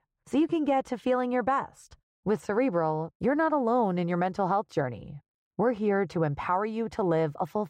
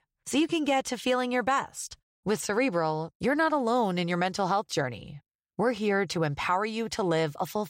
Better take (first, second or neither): second